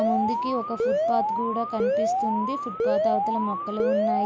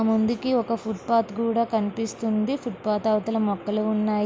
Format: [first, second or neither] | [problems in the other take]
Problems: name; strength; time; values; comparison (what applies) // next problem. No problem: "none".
second | background sound (Alarm); 4 dB above the speech